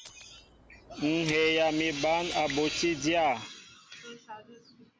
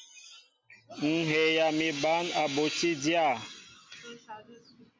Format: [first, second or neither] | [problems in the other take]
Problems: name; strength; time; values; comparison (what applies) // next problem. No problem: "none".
second | background sound (Raindrop); 18 dB below the speech